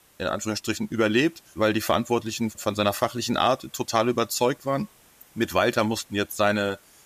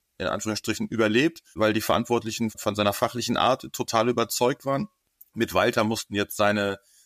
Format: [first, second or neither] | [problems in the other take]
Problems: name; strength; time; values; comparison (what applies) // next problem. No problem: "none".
second | hiss; faint; throughout; 30 dB below the speech